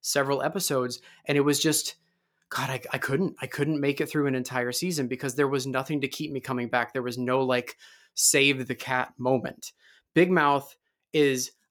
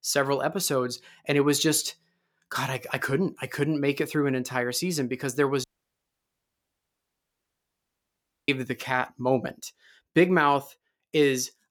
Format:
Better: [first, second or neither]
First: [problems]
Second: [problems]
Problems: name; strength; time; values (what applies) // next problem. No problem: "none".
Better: first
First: none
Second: audio cutting out; at 5.5 s for 3 s